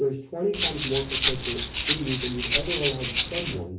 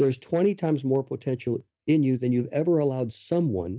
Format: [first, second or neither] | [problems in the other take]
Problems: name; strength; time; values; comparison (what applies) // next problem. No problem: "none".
second | background sound (Rattle (instrument)); 1 dB above the speech // room echo; dies away in 0.4 s